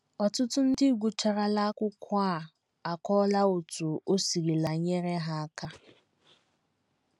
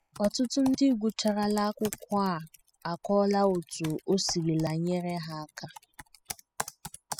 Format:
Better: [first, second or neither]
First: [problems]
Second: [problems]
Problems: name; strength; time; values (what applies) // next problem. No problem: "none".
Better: first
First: none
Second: noise reduction (classical method spectral subtraction)